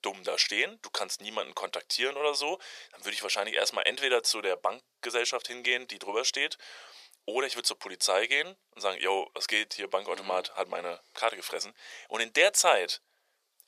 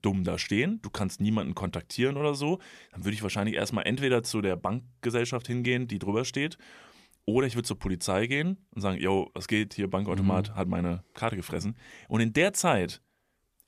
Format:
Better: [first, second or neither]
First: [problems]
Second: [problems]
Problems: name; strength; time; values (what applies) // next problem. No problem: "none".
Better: second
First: thin; very; fading below 500 Hz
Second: none